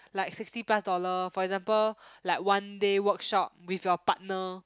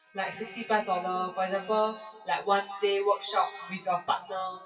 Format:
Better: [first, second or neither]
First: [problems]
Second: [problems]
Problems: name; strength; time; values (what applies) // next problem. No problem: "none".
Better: first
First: none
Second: noise reduction (classical method WPE with log-MMSE)